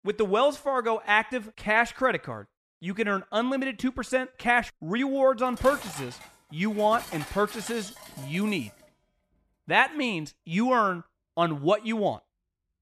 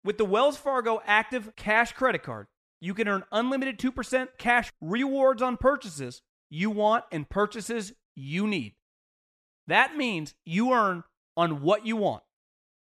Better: second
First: clattering dishes; faint; from 5 to 9 s; peak 10 dB below the speech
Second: none

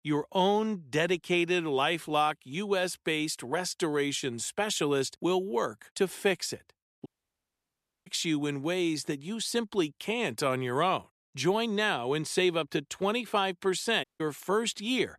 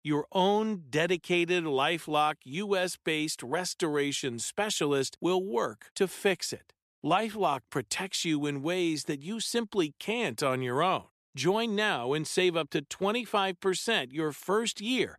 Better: second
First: audio cutting out; at 7 s for 1 s and at 14 s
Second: none

